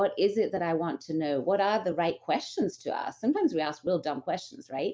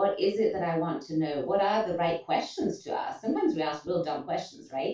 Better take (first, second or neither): first